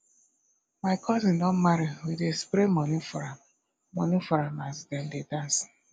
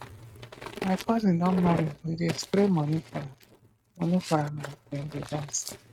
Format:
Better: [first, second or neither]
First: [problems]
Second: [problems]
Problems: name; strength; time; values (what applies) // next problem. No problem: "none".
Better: first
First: none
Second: noise reduction (neural mask model RNNoise)